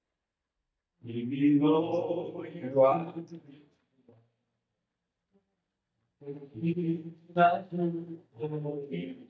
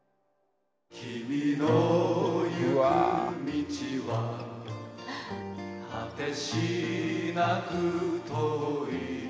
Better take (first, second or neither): second